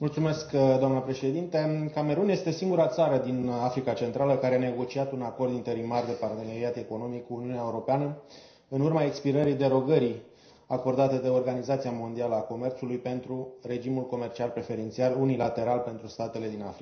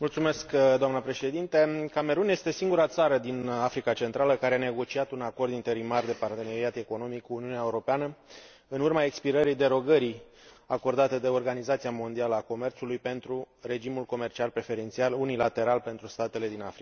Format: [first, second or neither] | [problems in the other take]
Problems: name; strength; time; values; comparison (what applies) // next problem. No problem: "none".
second | room echo; dies away in 0.5 s